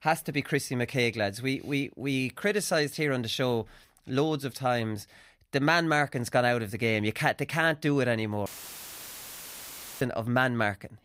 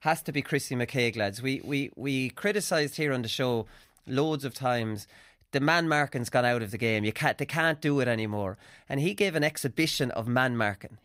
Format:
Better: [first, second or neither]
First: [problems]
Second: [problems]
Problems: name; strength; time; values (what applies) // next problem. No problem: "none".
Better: second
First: audio cutting out; filled with static; at 8.5 s for 1.5 s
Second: none